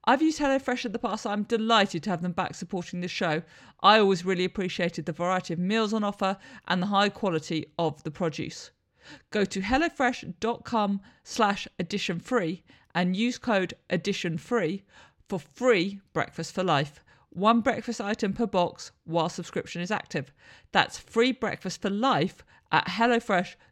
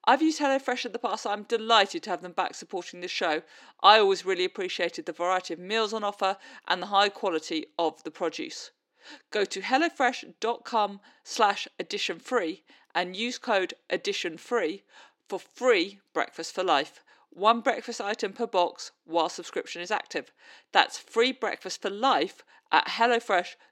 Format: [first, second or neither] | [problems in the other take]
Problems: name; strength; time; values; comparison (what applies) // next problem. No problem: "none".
first | thin; somewhat; fading below 300 Hz